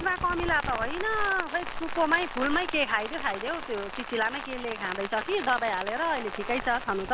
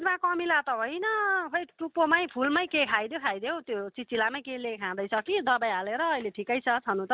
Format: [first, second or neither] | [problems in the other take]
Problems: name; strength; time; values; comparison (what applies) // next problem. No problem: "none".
second | background sound (Rain); 6 dB below the speech